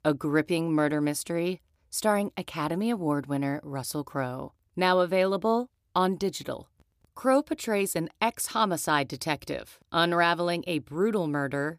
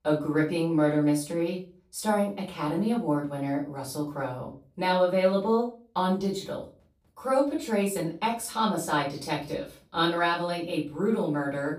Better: first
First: none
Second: off-mic speech; far // room echo; slight; dies away in 0.3 s

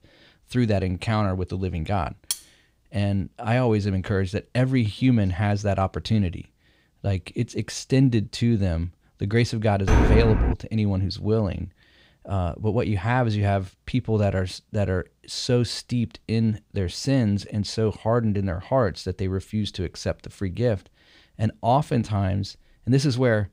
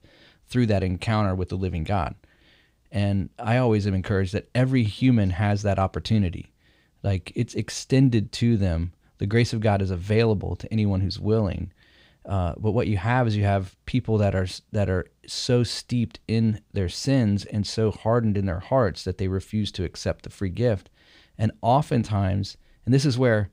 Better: second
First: clattering dishes; noticeable; at 2.5 s; peak 5 dB below the speech // door banging; loud; at 10 s; peak 5 dB above the speech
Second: none

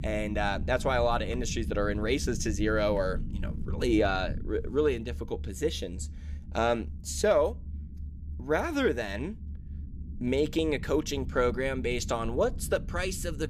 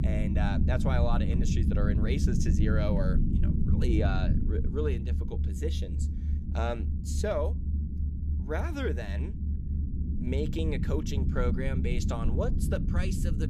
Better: first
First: low rumble; faint; throughout; 20 dB below the speech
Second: low rumble; loud; throughout; 6 dB below the speech

